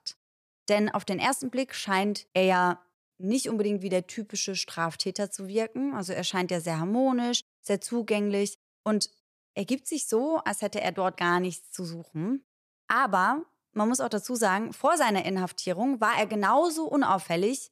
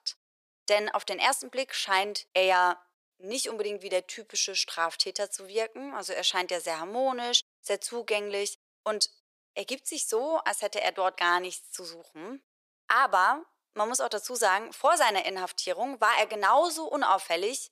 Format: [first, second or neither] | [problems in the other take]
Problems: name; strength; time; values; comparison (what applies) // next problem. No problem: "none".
first | thin; very; fading below 450 Hz